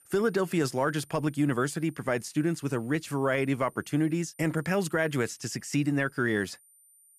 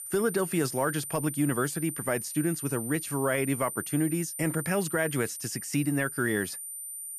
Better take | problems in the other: first | high-pitched whine; loud; throughout; 9 kHz, 6 dB below the speech; faint in the first

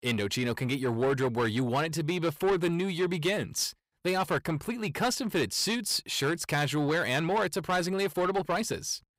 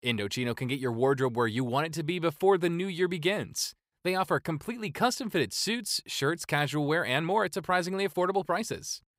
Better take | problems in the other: second | distortion; slight; 10 dB below the speech

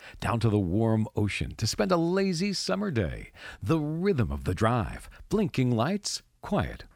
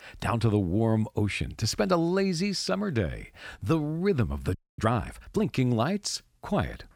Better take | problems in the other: first | audio freezing; at 4.5 s

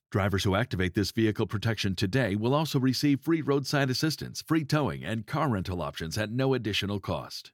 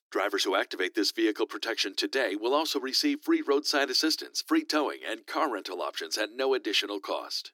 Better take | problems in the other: first | thin; somewhat; fading below 300 Hz

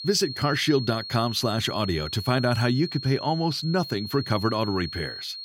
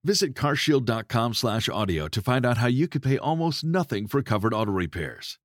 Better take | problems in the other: second | high-pitched whine; loud; throughout; 4.5 kHz, 9 dB below the speech

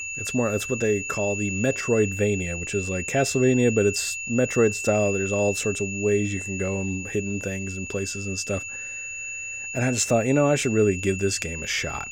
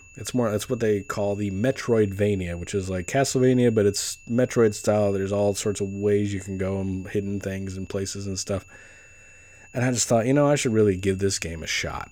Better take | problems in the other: second | high-pitched whine; loud; throughout; 2.5 kHz, 6 dB below the speech; faint in the second

